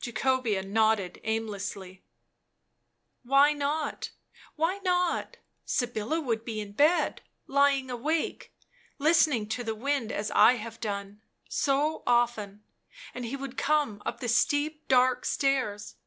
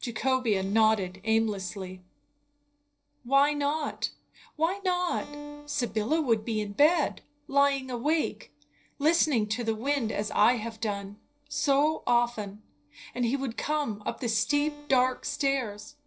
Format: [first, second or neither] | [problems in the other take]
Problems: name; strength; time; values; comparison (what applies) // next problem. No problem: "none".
first | noise reduction (neural separator model SepFormer DNS4)